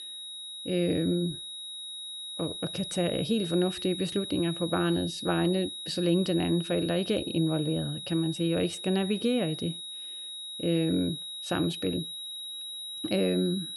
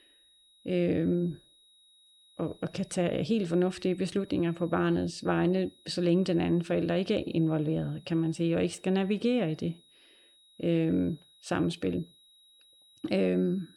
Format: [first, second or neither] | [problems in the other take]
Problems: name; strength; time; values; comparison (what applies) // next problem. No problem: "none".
second | high-pitched whine; loud; throughout; 4 kHz, 7 dB below the speech; faint in the second